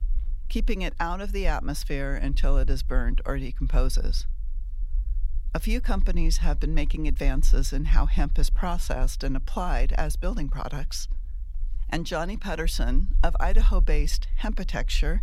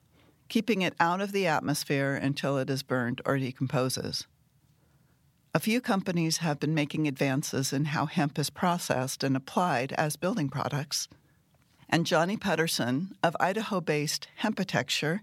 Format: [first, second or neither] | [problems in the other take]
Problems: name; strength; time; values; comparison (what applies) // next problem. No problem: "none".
second | low rumble; faint; throughout; 25 dB below the speech